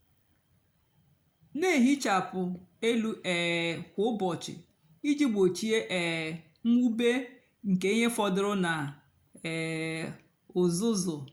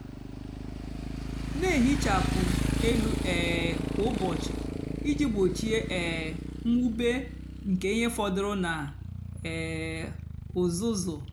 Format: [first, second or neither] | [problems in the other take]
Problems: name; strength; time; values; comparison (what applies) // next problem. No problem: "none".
first | background sound (Motorcycle); 3 dB below the speech